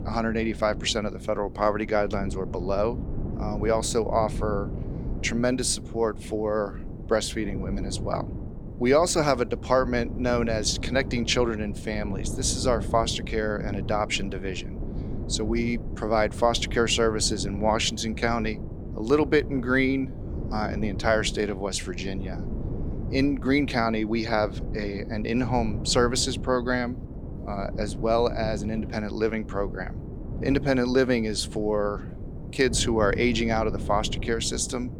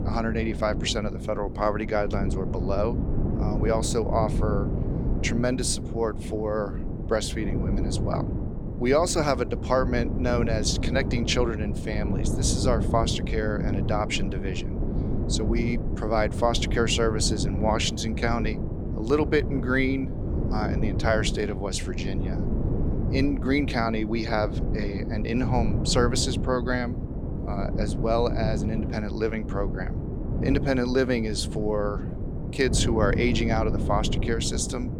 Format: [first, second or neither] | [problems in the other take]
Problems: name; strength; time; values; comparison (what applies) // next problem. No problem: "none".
first | wind noise on the microphone; heavy; 9 dB below the speech; occasional gusts in the first